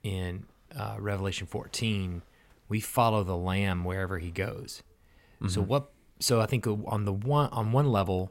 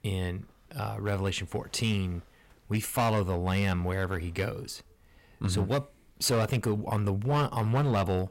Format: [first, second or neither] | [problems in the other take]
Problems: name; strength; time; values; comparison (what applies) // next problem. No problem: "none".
first | distortion; slight; 7% of the sound clipped